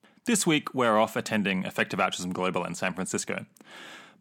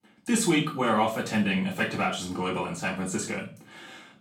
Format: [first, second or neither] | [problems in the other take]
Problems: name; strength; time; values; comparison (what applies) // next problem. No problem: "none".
first | room echo; slight; dies away in 0.4 s // off-mic speech; far